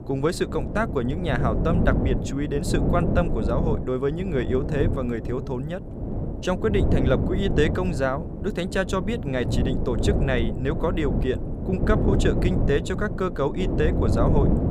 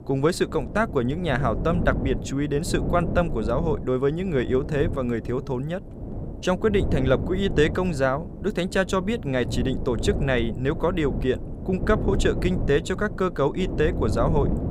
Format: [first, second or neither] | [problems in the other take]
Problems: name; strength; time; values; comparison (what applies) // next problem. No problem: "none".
second | wind noise on the microphone; heavy; 6 dB below the speech; occasional gusts in the second